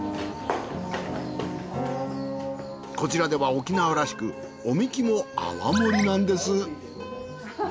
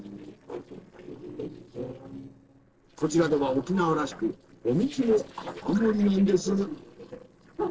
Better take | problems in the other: first | noise reduction (neural separator model SepFormer DNS4)

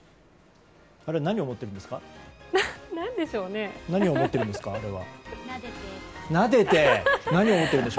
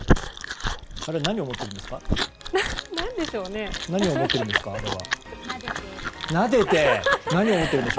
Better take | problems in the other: first | background sound (Chewing, mastication); 4 dB below the speech

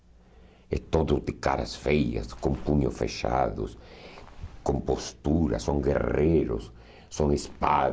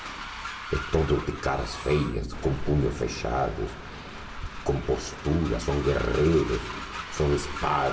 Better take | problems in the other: first | background sound (Train); 11 dB below the speech // room echo; dies away in 1.8 s

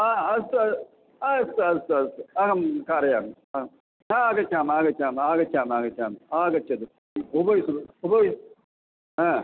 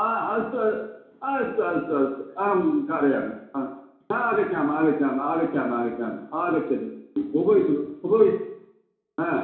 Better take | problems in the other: first | room echo; dies away in 0.7 s

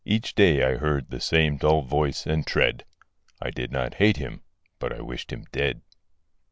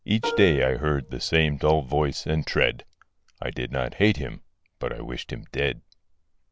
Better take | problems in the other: first | background sound (Plucked string instrument); 10 dB below the speech

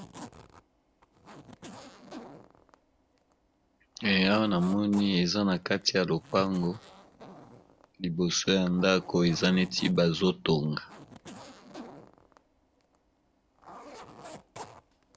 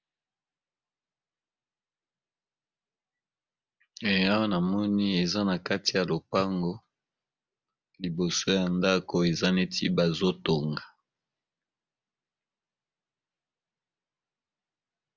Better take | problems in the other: second | background sound (Zipper (clothing)); 19 dB below the speech

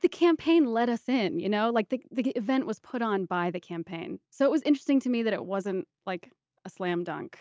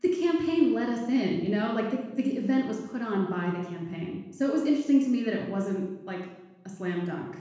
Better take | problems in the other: first | room echo; dies away in 1.1 s

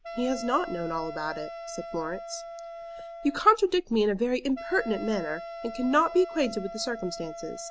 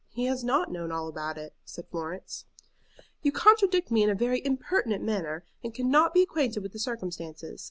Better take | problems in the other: second | background sound (Wind instrument, woodwind instrument); 12 dB below the speech

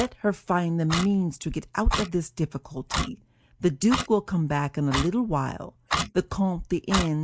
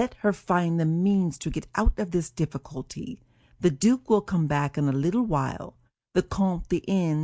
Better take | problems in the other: second | background sound (Clock); 8 dB below the speech

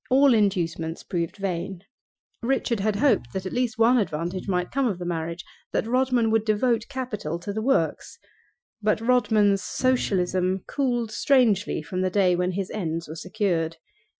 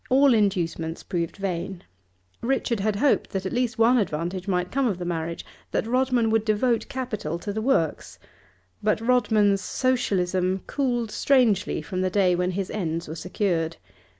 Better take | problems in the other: second | noise reduction (classical method Wiener filter)

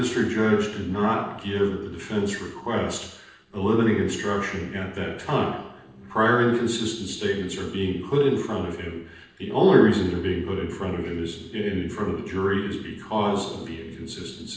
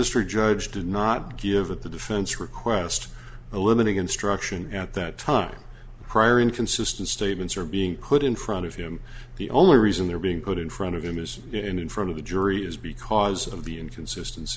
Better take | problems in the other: second | noise reduction (neural separator model SepFormer DNS4)

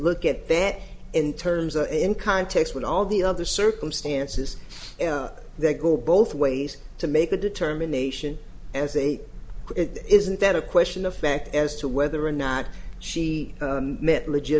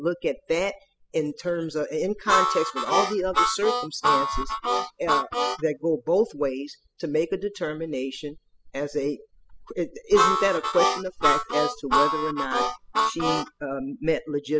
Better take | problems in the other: first | noise reduction (classical method spectral subtraction)

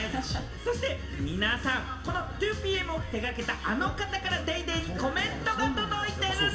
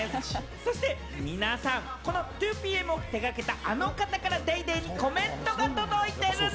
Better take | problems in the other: second | background sound (Bass guitar); 15 dB below the speech // room echo; dies away in 0.6 s

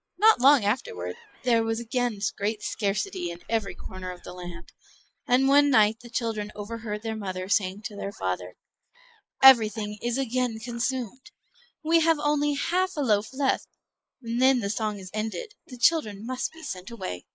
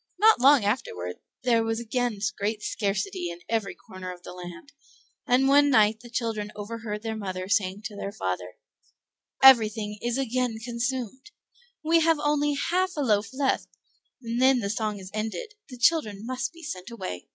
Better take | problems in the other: second | noise reduction (neural mask model Resemble Enhance denoiser)

